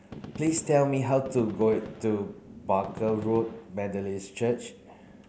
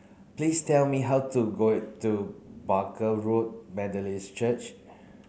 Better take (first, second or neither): second